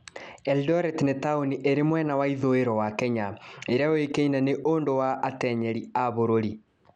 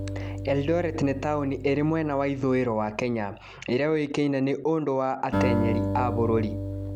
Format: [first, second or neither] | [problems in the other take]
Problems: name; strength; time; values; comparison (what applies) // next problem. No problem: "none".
first | background sound (Acoustic guitar); 6 dB below the speech